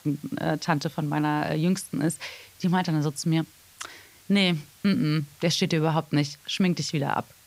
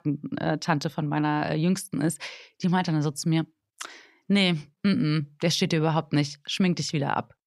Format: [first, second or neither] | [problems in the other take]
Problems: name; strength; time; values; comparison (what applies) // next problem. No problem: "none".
second | hiss; faint; throughout; 25 dB below the speech